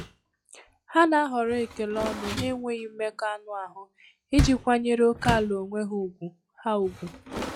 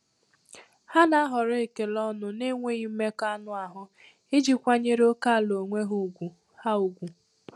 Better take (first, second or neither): second